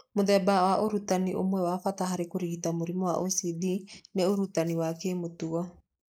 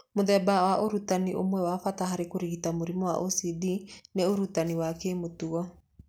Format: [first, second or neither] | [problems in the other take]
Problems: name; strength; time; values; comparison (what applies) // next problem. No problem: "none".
second | noise reduction (neural mask model Resemble Enhance denoiser)